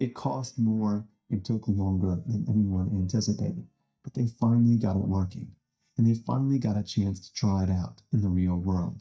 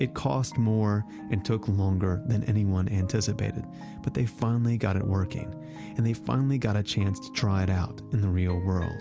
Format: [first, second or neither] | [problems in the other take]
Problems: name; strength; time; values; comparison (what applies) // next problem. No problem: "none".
second | noise reduction (neural mask model DeepFilterNet 3)